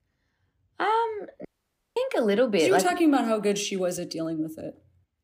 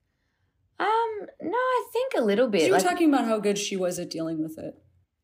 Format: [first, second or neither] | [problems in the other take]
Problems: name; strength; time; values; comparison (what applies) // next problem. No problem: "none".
second | audio cutting out; at 1.5 s for 0.5 s